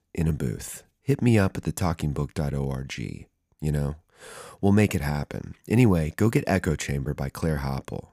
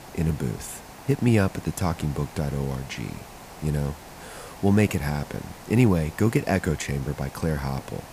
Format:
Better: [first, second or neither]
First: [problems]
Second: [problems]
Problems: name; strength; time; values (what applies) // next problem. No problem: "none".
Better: first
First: none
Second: hiss; noticeable; throughout; 15 dB below the speech